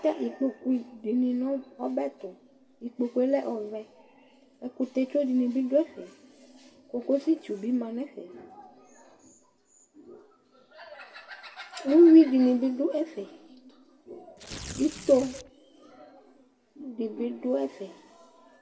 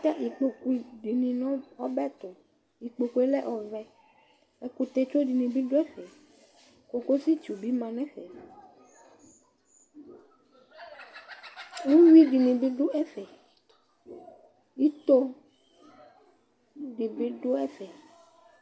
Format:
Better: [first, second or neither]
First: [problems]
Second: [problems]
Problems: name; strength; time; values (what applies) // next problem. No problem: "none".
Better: second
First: background sound (Tearing); 13 dB below the speech // room echo; dies away in 2.2 s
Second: none